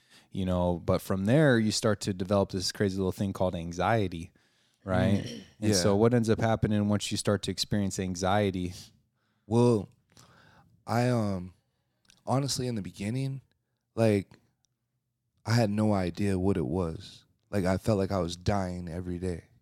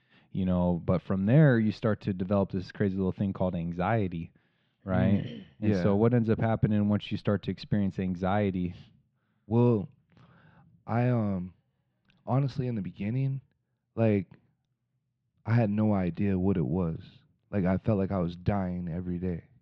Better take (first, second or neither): first